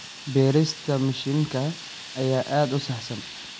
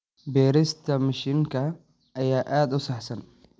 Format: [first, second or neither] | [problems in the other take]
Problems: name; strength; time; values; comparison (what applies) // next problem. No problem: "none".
second | background sound (Fire); 14 dB below the speech